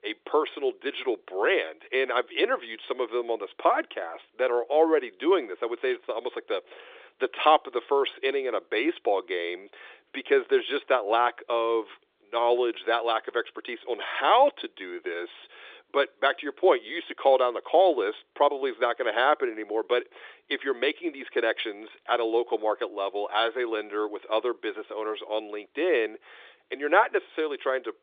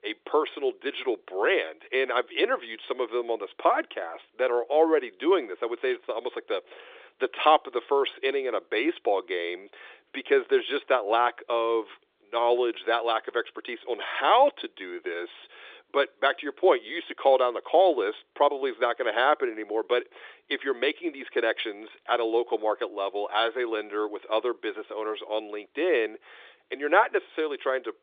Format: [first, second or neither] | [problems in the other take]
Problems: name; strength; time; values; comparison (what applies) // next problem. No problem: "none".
neither | phone-call audio; the same in both